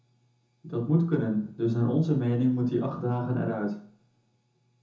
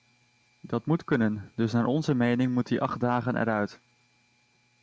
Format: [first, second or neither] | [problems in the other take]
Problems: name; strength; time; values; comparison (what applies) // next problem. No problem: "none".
second | room echo; dies away in 0.5 s